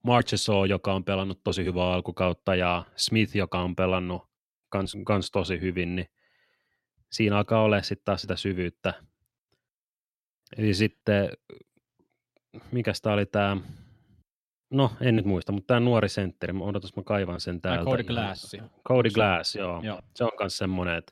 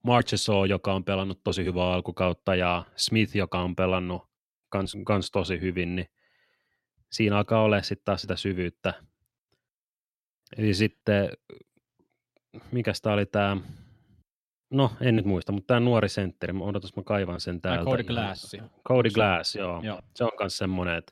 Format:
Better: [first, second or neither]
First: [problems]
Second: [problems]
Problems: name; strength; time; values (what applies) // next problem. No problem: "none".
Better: neither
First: none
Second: none